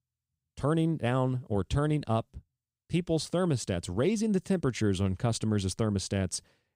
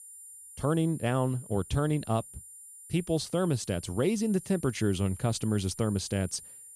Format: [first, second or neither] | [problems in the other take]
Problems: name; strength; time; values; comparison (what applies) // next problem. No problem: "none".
first | high-pitched whine; noticeable; throughout; 9.5 kHz, 15 dB below the speech